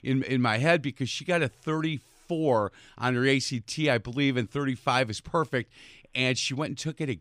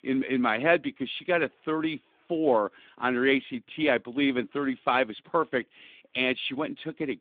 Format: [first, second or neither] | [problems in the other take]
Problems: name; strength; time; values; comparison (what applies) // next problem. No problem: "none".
first | phone-call audio; nothing above 3.5 kHz